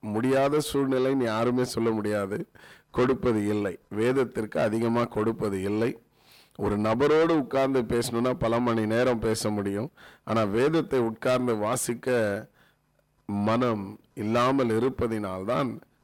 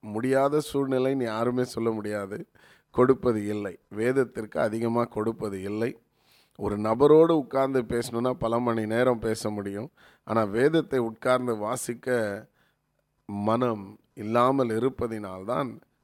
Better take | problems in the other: second | distortion; heavy; 8 dB below the speech

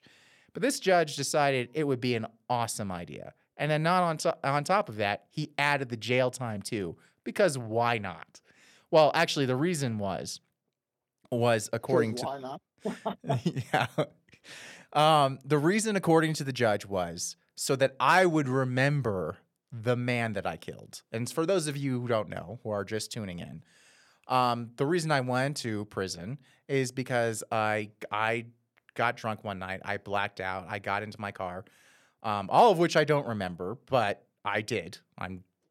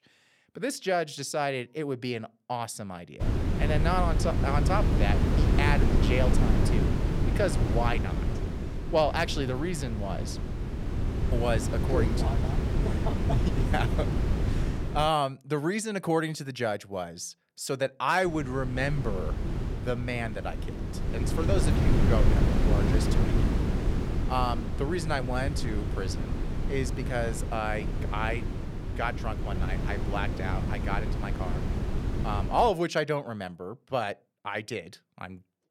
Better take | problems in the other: first | wind noise on the microphone; heavy; from 3 to 15 s and from 18 to 33 s; 6 dB below the speech

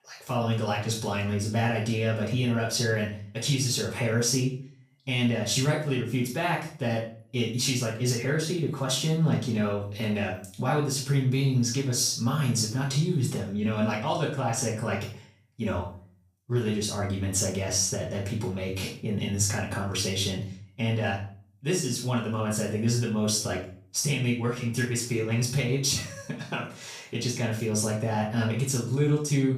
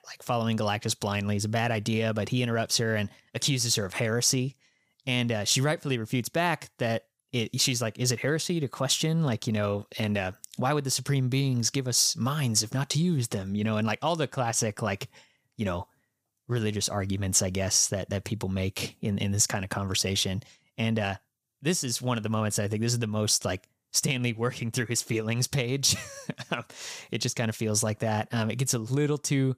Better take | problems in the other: second | off-mic speech; far // room echo; noticeable; dies away in 0.4 s

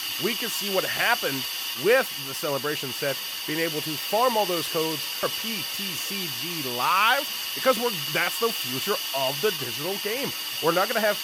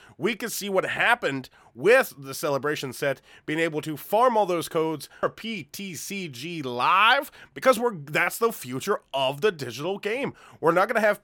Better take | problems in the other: second | hiss; loud; throughout; 1 dB below the speech

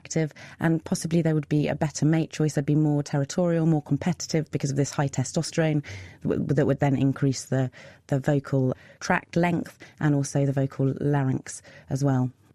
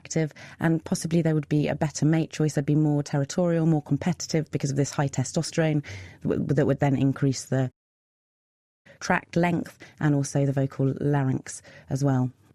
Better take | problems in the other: first | audio cutting out; at 7.5 s for 1 s

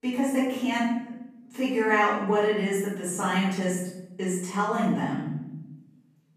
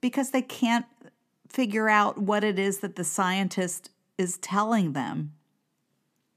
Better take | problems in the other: second | room echo; noticeable; dies away in 0.9 s // off-mic speech; far

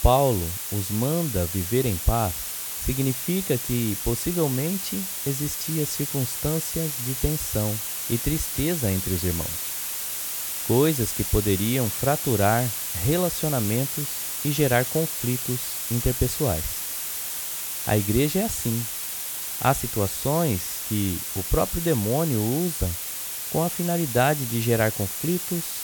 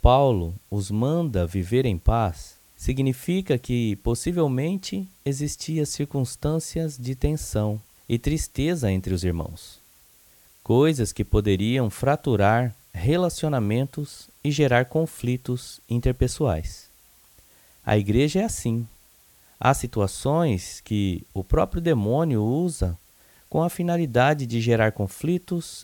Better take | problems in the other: second | hiss; loud; throughout; 2 dB below the speech; faint in the second

